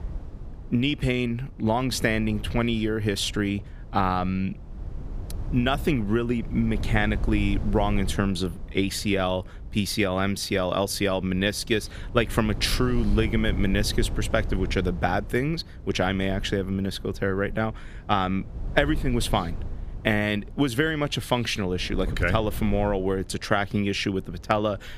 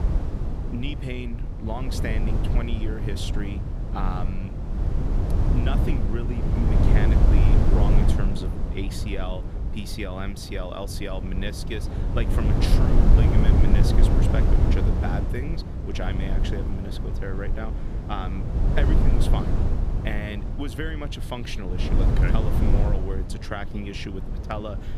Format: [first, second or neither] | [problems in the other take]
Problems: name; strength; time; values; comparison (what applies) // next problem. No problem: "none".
first | low rumble; loud; throughout; as loud as the speech; faint in the first